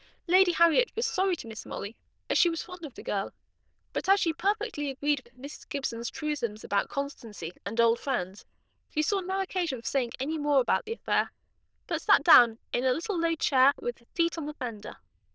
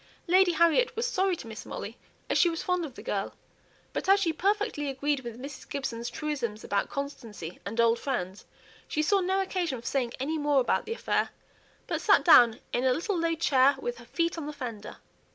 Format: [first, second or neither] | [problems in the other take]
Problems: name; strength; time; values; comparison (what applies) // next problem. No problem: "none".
second | noise reduction (neural diffusion model UNIVERSE++)